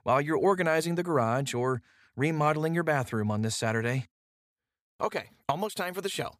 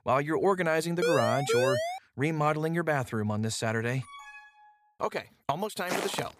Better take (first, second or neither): first